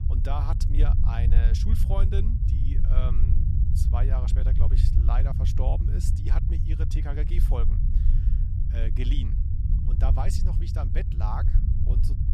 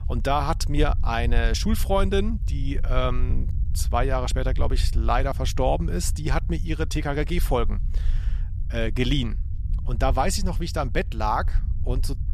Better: second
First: low rumble; loud; throughout; 3 dB below the speech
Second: low rumble; faint; throughout; 20 dB below the speech

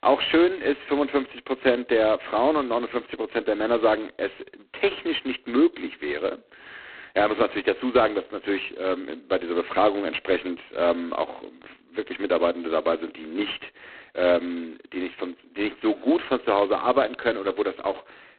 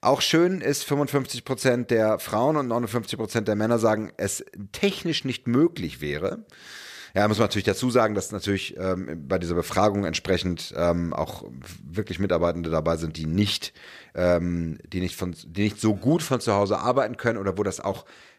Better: second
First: phone-call audio; poor line; nothing above 4 kHz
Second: none

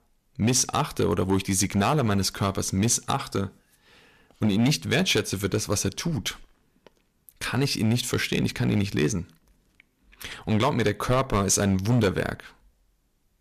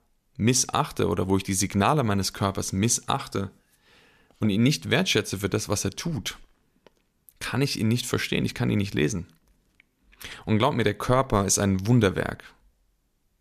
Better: second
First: distortion; slight; 4% of the sound clipped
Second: none

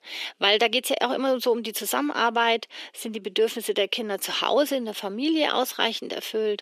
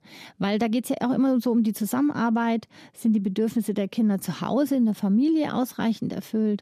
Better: second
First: thin; very; fading below 400 Hz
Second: none

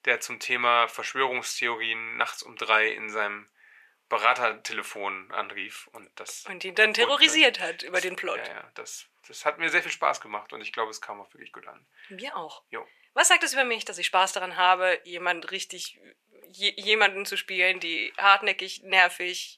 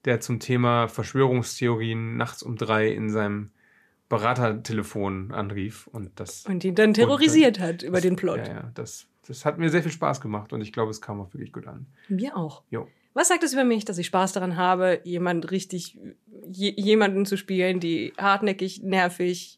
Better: second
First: thin; very; fading below 750 Hz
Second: none

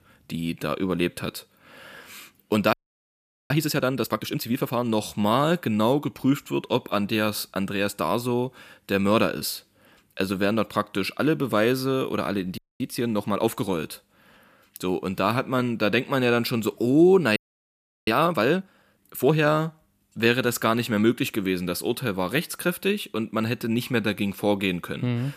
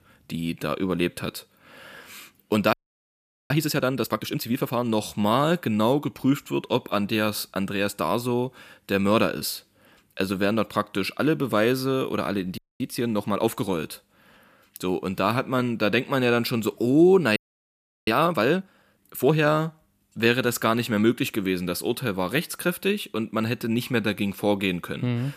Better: neither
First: audio freezing; at 2.5 s for 1 s, at 13 s and at 17 s for 0.5 s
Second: audio freezing; at 2.5 s for 1 s, at 13 s and at 17 s for 0.5 s

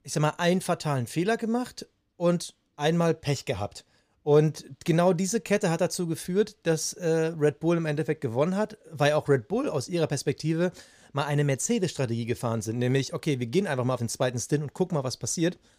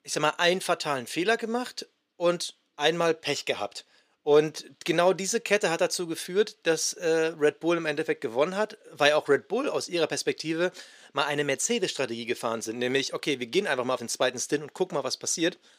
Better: first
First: none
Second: thin; somewhat; fading below 350 Hz

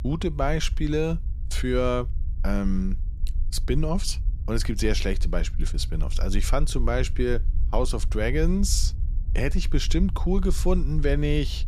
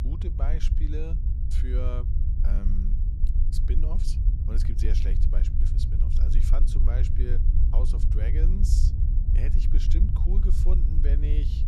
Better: first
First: low rumble; faint; throughout; 20 dB below the speech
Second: low rumble; loud; throughout; 2 dB below the speech

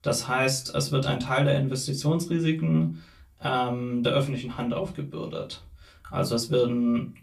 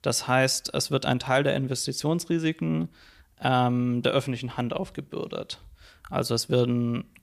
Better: second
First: off-mic speech; far // room echo; very slight; dies away in 0.2 s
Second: none

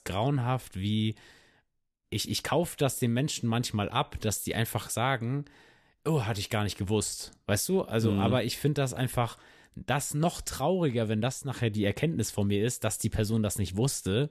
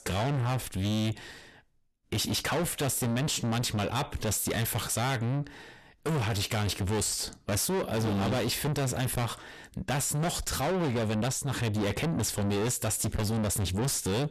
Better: first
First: none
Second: distortion; heavy; 5 dB below the speech

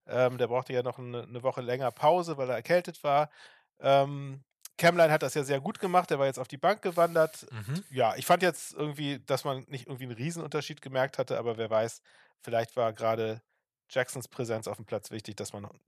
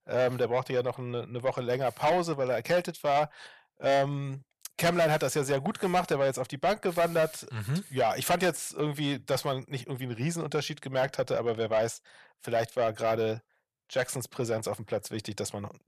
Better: first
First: none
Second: distortion; heavy; 8 dB below the speech

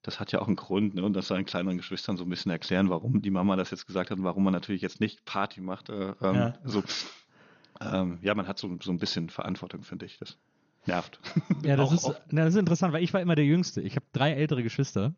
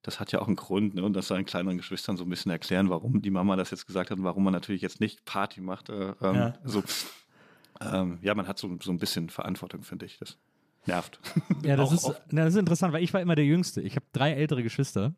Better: second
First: garbled, watery; slightly; nothing above 6.5 kHz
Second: none

